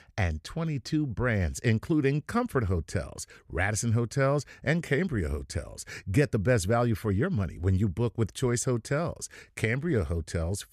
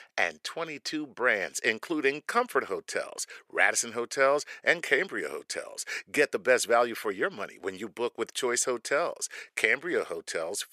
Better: first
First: none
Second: thin; very; fading below 400 Hz

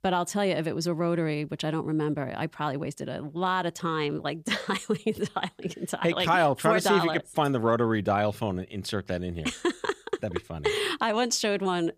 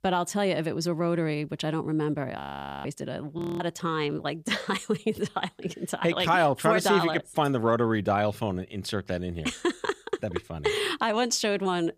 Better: first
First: none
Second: audio freezing; at 2.5 s and at 3.5 s

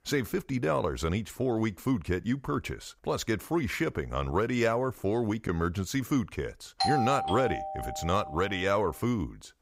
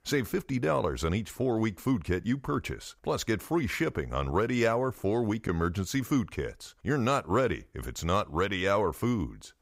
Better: second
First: doorbell; loud; from 7 to 8.5 s; peak 2 dB above the speech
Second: none

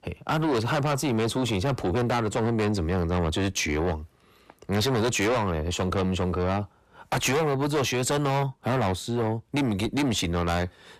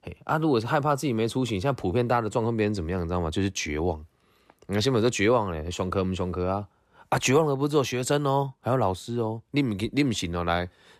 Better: second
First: distortion; heavy; 6 dB below the speech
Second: none

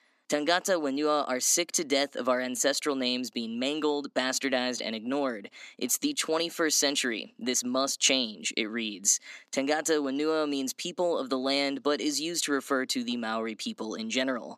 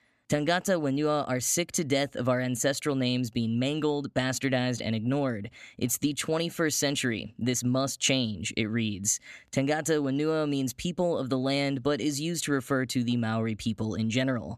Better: second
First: thin; very slightly; fading below 250 Hz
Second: none

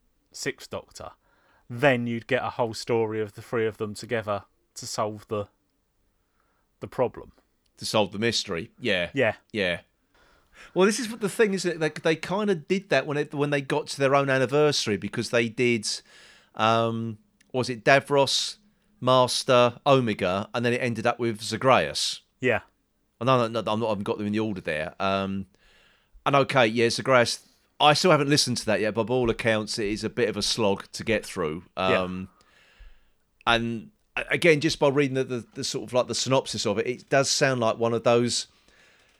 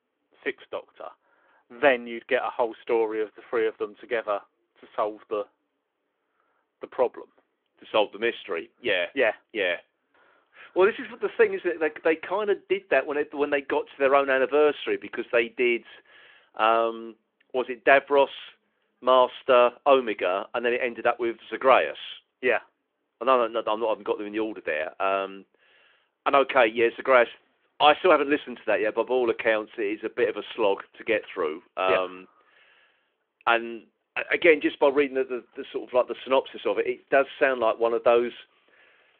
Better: first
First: none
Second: phone-call audio; nothing above 3.5 kHz

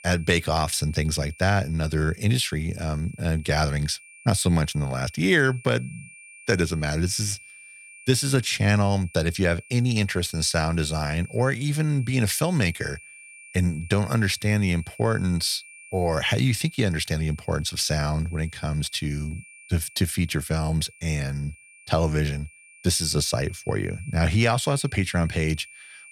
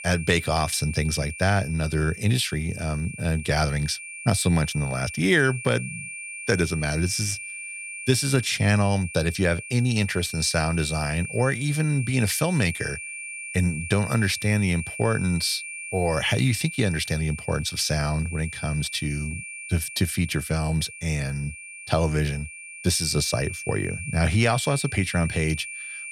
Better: first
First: high-pitched whine; faint; throughout; 2.5 kHz, 20 dB below the speech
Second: high-pitched whine; loud; throughout; 2.5 kHz, 10 dB below the speech

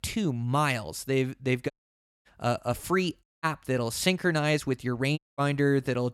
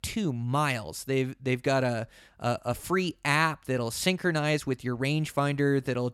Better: second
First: audio cutting out; at 1.5 s for 0.5 s, at 3 s and at 5 s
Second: none

